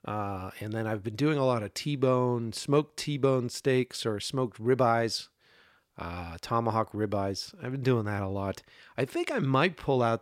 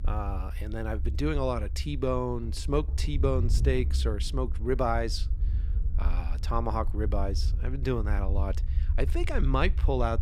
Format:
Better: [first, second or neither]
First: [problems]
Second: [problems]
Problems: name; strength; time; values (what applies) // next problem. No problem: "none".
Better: first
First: none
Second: low rumble; noticeable; throughout; 15 dB below the speech